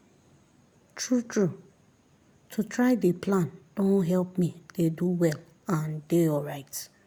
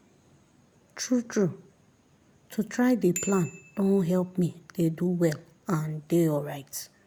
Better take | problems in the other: first | background sound (Bicycle bell); 16 dB below the speech

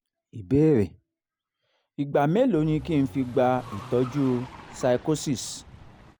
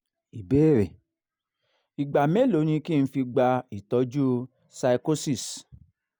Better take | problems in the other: second | background sound (Car); 17 dB below the speech

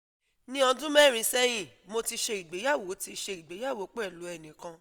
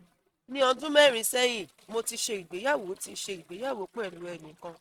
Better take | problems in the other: first | noise reduction (neural mask model RNNoise)

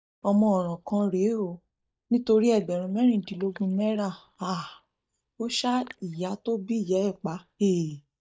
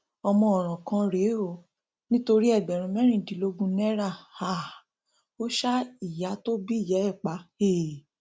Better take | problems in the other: second | noise reduction (neural mask model DeepFilterNet 3)

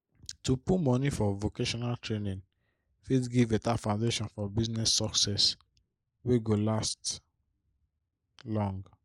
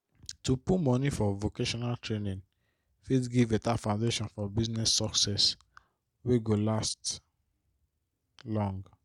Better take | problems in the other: second | noise reduction (neural mask model Resemble Enhance denoiser)

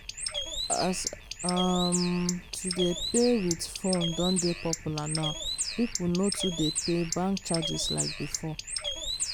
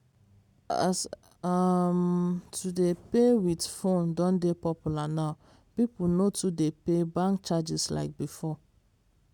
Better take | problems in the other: second | background sound (Bird); 4 dB below the speech

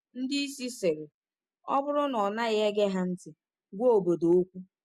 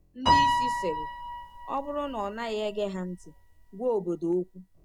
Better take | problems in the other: first | background sound (Piano); 2 dB above the speech

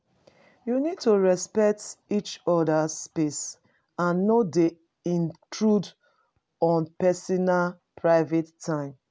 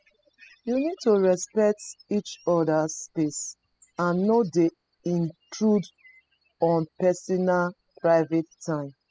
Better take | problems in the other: first | noise reduction (classical method spectral subtraction)

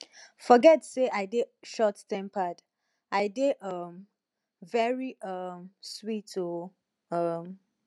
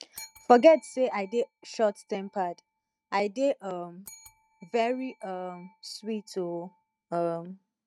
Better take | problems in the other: first | noise reduction (neural mask model RNNoise)

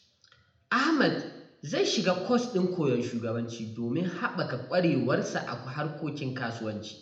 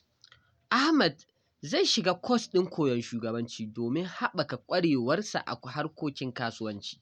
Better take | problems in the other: second | room echo; dies away in 0.8 s

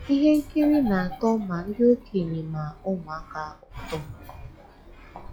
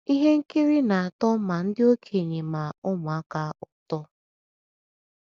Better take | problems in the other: second | noise reduction (classical method log-MMSE)

